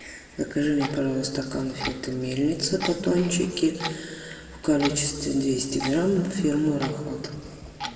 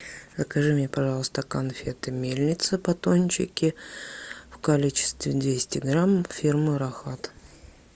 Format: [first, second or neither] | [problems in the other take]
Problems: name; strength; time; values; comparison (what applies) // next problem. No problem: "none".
second | background sound (Clock); 13 dB below the speech // room echo; dies away in 2 s